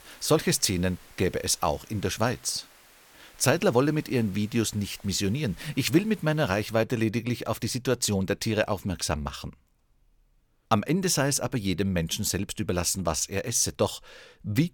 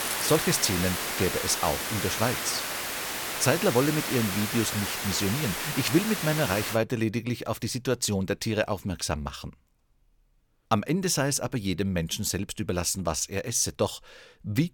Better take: first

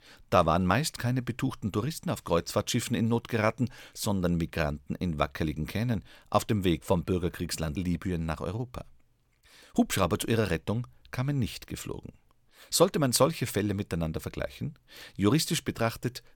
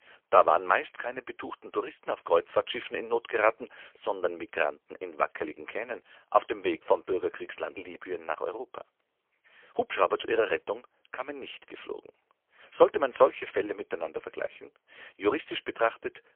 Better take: first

